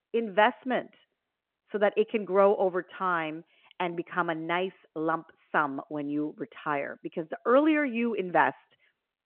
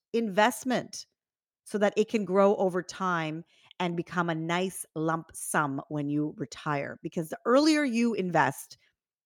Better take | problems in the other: second | phone-call audio

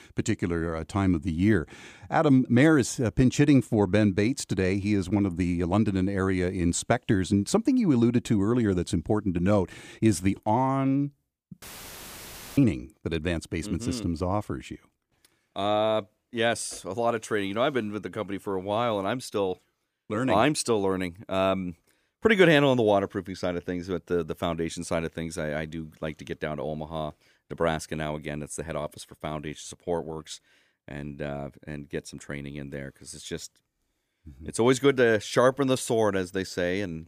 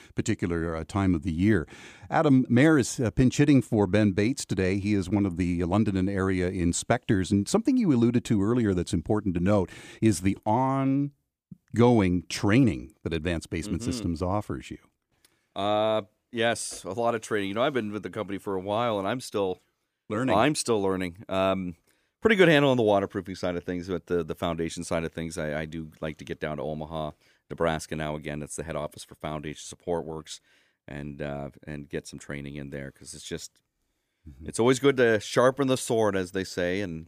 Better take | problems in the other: second | audio cutting out; filled with static; at 12 s for 1 s

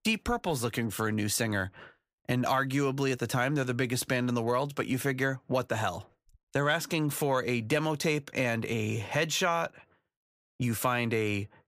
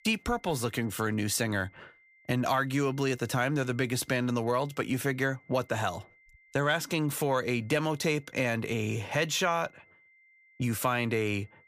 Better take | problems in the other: first | high-pitched whine; faint; throughout; 2 kHz, 30 dB below the speech

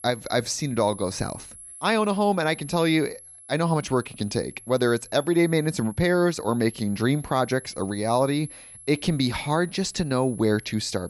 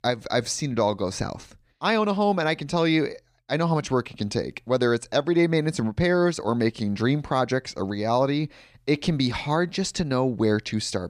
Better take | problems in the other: second | high-pitched whine; noticeable; throughout; 11 kHz, 15 dB below the speech

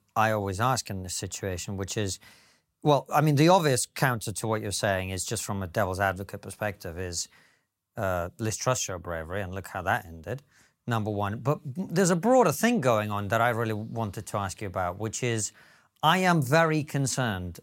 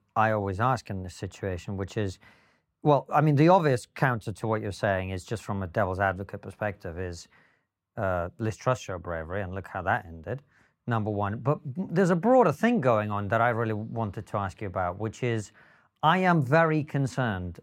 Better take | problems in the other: first | muffled; slightly; fading above 3.5 kHz

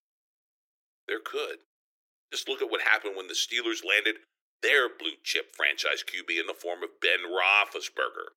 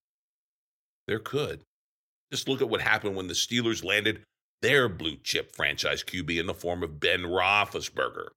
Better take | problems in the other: second | thin; very; fading below 350 Hz

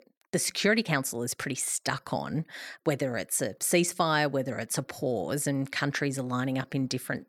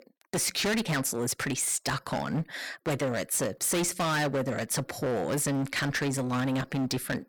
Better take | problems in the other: first | distortion; heavy; 20% of the sound clipped

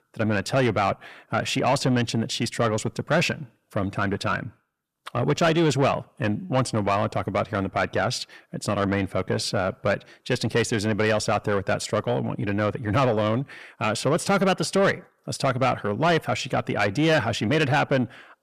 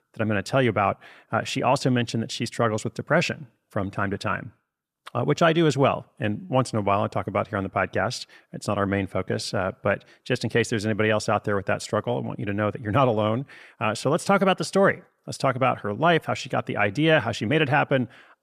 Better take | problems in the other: second | distortion; slight; 10 dB below the speech

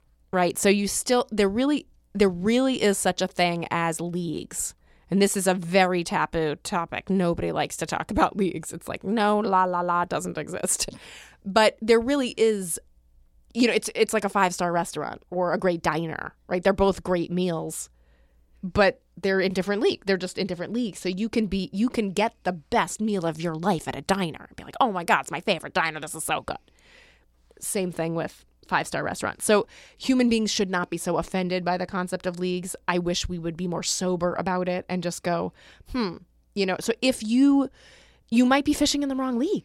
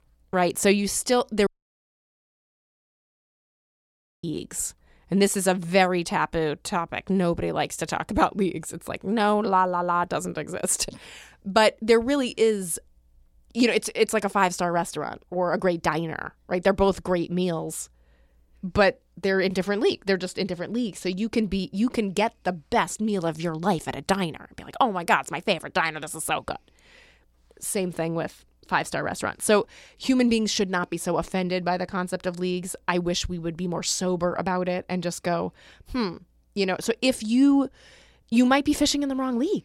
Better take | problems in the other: first | audio cutting out; at 1.5 s for 3 s

